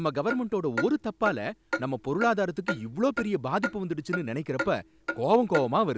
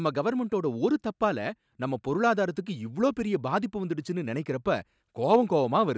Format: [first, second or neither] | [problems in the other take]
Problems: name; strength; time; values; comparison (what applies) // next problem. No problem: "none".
second | background sound (Clock); 9 dB below the speech